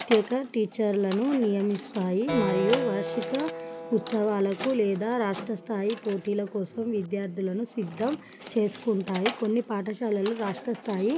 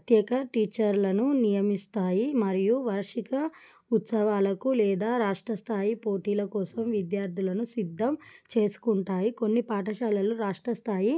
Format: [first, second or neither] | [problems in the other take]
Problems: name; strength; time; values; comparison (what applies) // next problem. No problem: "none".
second | background sound (Keys jangling + Keyboard (musical)); 9 dB below the speech